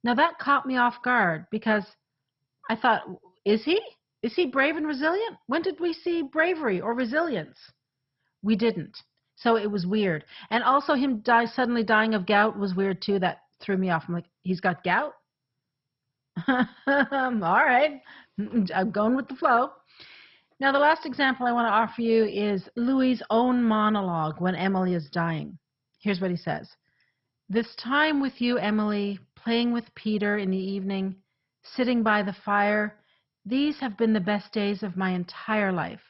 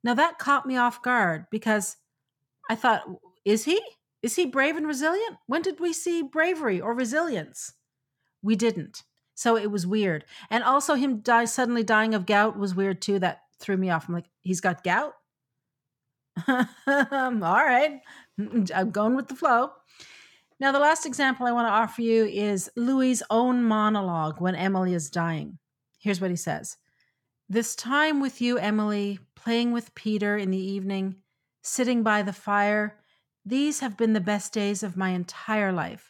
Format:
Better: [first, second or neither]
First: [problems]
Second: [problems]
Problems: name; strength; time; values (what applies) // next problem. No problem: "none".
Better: second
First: garbled, watery; badly; nothing above 5.5 kHz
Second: none